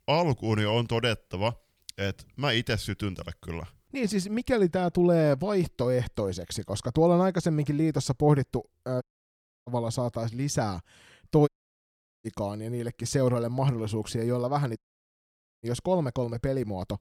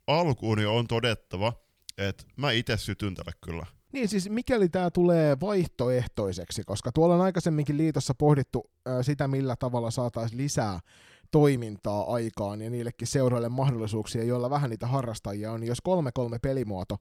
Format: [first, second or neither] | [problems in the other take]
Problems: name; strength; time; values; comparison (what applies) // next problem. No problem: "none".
second | audio cutting out; at 9 s for 0.5 s, at 11 s for 1 s and at 15 s for 1 s